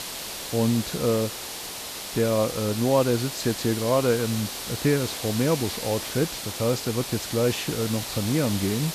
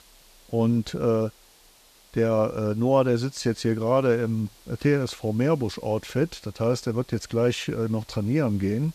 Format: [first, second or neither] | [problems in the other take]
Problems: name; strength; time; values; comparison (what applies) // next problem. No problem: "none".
second | hiss; loud; throughout; 6 dB below the speech; faint in the second